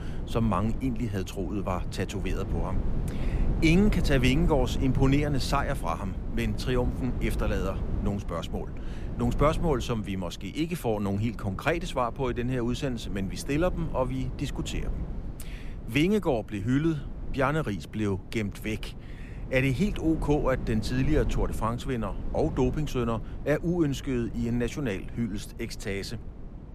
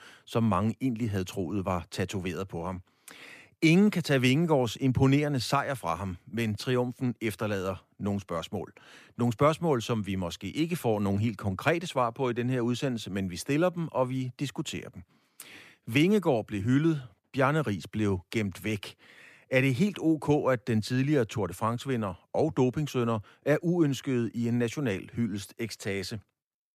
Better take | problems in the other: second | wind noise on the microphone; occasional gusts; 15 dB below the speech

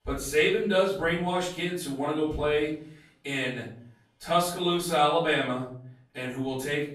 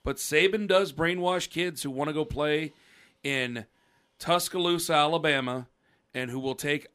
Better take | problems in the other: second | room echo; noticeable; dies away in 0.5 s // off-mic speech; far

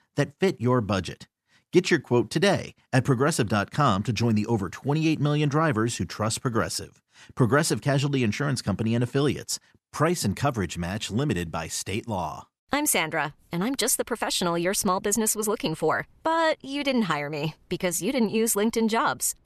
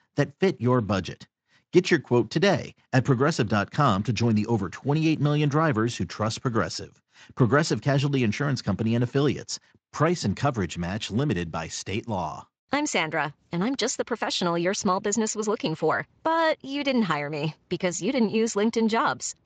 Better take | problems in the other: first | garbled, watery; slightly; nothing above 7.5 kHz

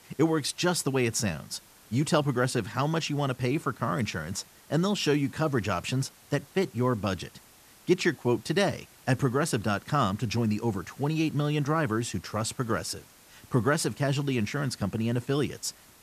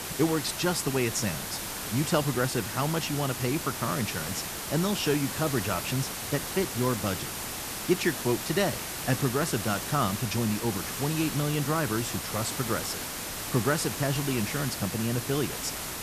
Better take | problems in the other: first | hiss; loud; throughout; 4 dB below the speech; faint in the first

